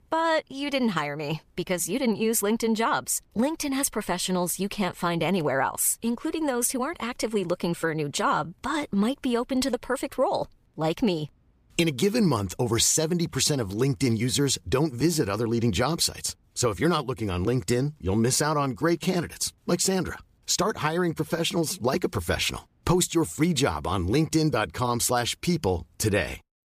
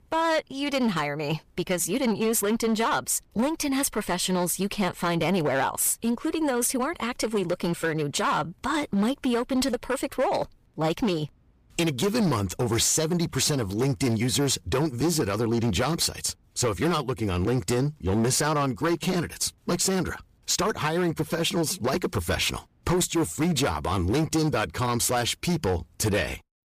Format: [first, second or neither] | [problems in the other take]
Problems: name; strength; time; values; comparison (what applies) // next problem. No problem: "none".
first | distortion; slight; 12% of the sound clipped